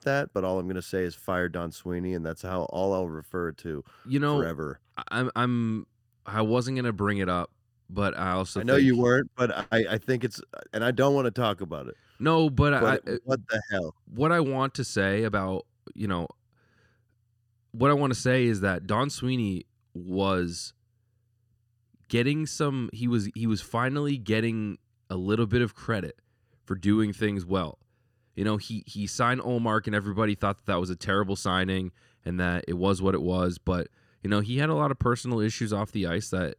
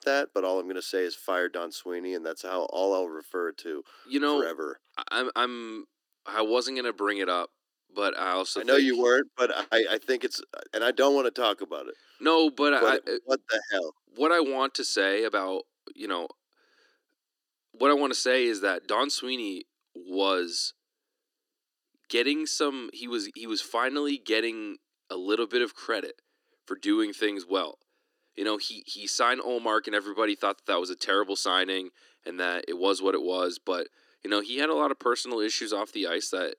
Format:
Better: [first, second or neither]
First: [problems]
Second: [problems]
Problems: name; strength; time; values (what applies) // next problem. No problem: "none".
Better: first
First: none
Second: thin; somewhat; fading below 300 Hz